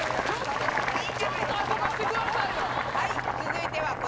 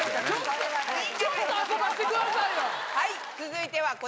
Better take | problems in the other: second | background sound (Boiling); as loud as the speech

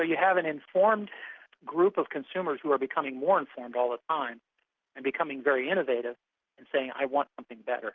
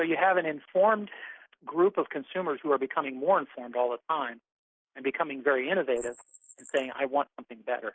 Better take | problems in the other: first | noise reduction (neural mask model Resemble Enhance denoiser)

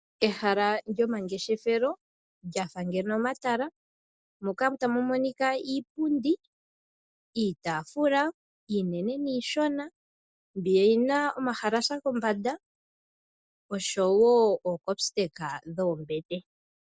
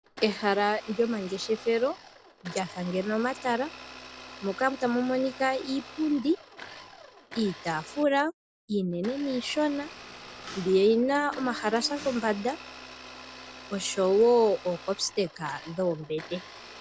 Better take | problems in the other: first | background sound (Mechanisms + Domestic sounds, home sounds); 16 dB below the speech

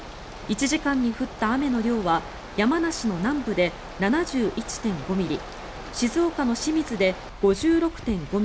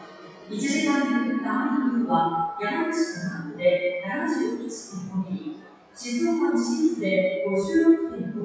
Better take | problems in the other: first | noise reduction (classical method WPE with log-MMSE)

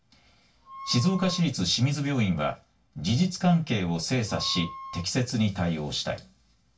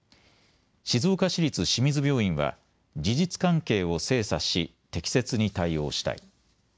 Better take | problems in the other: second | background sound (Wind instrument, woodwind instrument); 15 dB below the speech // room echo; dies away in 0.2 s

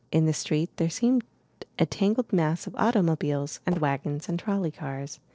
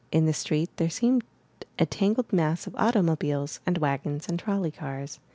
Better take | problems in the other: second | noise reduction (neural separator model SepFormer DNS4)

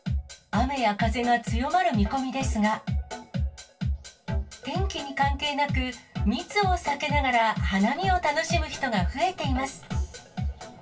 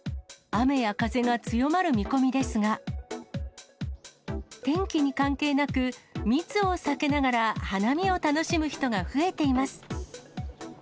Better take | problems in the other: second | room echo; dies away in 0.2 s

